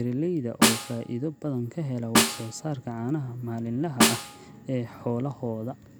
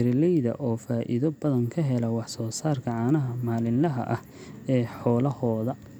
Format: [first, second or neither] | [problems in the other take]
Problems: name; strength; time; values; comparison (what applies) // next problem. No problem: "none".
second | background sound (Snare drum); 2 dB above the speech